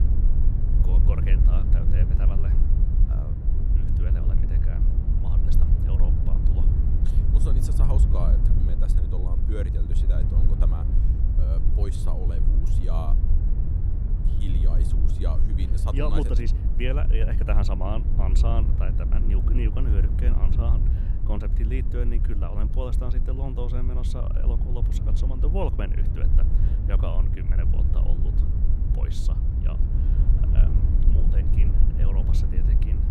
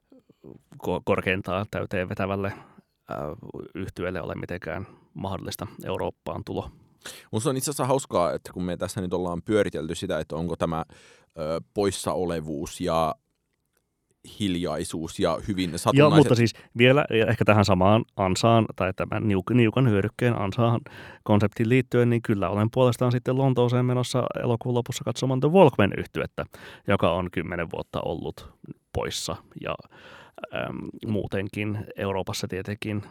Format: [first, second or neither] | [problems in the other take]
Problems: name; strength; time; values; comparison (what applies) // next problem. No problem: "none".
second | wind noise on the microphone; heavy; 2 dB below the speech